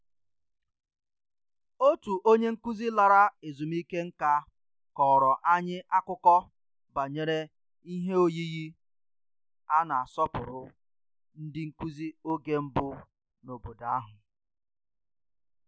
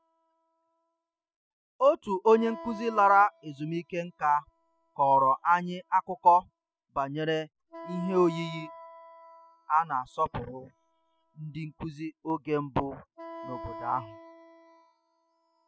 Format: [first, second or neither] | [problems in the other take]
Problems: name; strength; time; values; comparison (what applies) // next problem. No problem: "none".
first | noise reduction (classical method spectral subtraction)